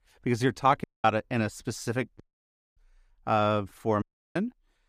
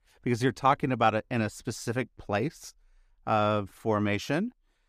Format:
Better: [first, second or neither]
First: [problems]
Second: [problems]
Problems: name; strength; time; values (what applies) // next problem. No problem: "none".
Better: second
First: audio cutting out; at 1 s, at 2 s for 0.5 s and at 4 s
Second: none